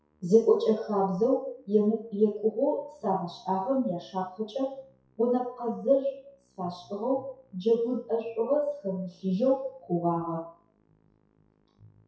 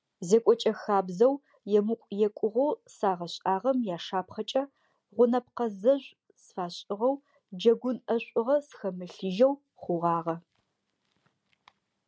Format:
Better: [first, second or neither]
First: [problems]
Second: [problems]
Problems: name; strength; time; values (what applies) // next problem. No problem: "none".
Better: second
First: noise reduction (classical method WPE with log-MMSE)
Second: none